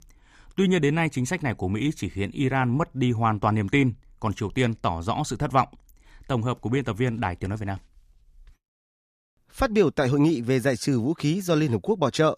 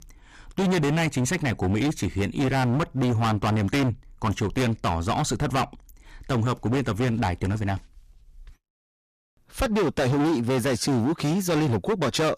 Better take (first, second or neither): first